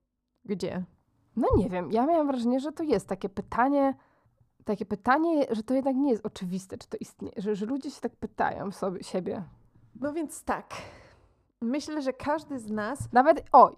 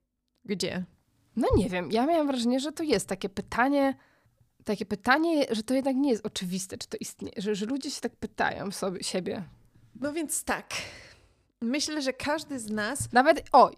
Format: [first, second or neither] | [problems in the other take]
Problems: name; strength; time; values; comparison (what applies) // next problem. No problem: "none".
second | muffled; slightly; fading above 1.5 kHz